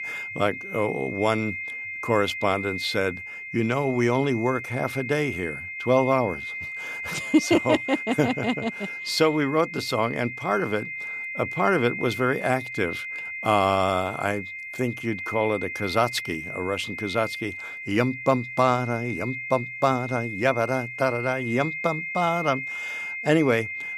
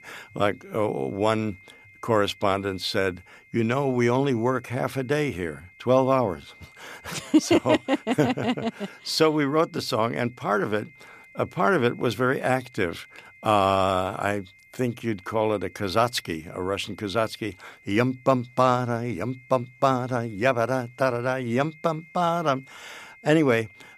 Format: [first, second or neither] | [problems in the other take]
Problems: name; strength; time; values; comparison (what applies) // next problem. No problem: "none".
second | high-pitched whine; loud; throughout; 2 kHz, 7 dB below the speech; faint in the second